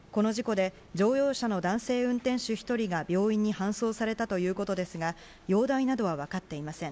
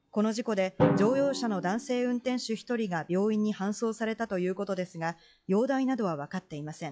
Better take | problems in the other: first | noise reduction (classical method log-MMSE)

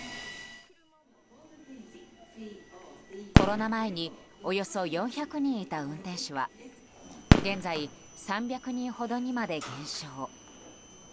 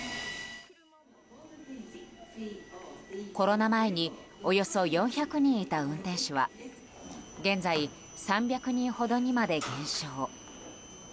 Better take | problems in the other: second | background sound (Fireworks); 2 dB above the speech

